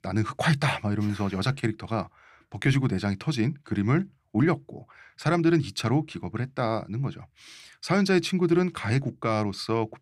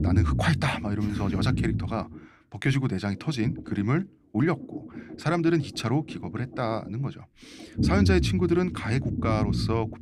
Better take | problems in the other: first | low rumble; loud; throughout; 9 dB below the speech

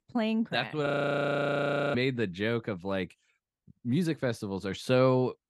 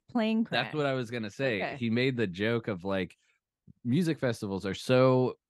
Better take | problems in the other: second | audio freezing; at 1 s for 1 s

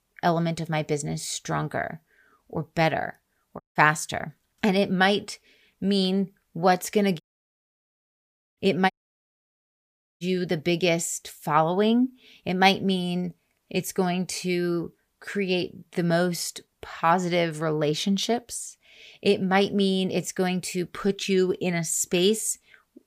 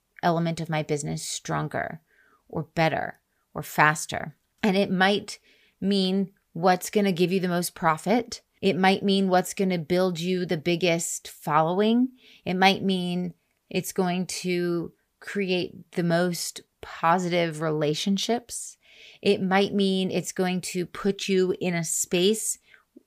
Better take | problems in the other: second | audio cutting out; at 3.5 s, at 7 s for 1.5 s and at 9 s for 1.5 s

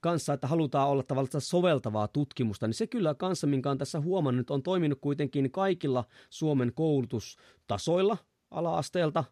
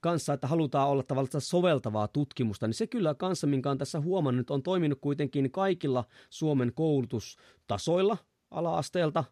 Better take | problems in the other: neither | none

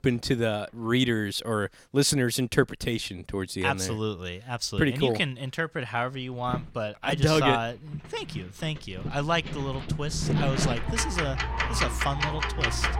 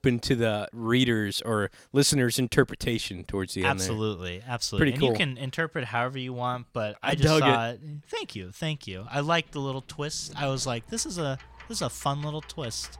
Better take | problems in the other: second | household noises; loud; throughout; 2 dB below the speech; faint in the second

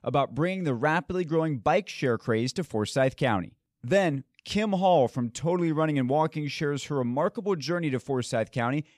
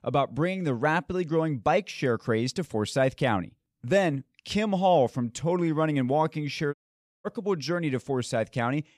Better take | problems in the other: first | audio cutting out; at 6.5 s for 0.5 s

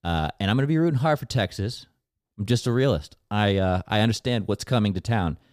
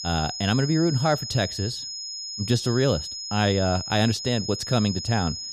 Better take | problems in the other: first | high-pitched whine; loud; throughout; 5 kHz, 7 dB below the speech

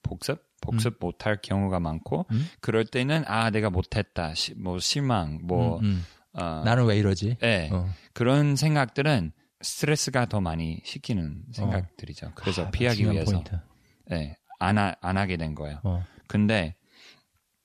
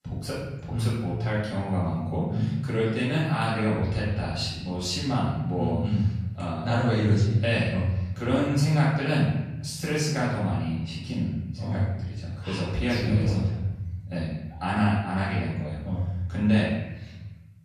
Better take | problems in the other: first | off-mic speech; far // room echo; noticeable; dies away in 1.2 s

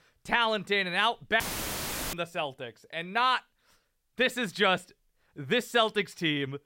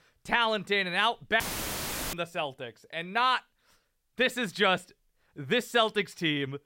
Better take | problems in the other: neither | audio cutting out; filled with static; at 1.5 s for 0.5 s; the same in both

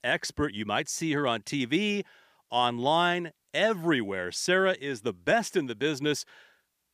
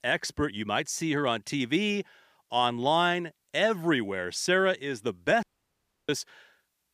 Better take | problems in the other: first | audio cutting out; at 5.5 s for 0.5 s

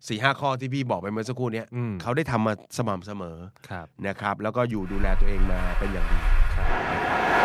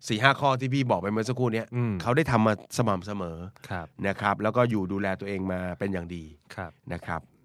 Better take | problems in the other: second | traffic noise; very loud; from 5 s on; 2 dB above the speech

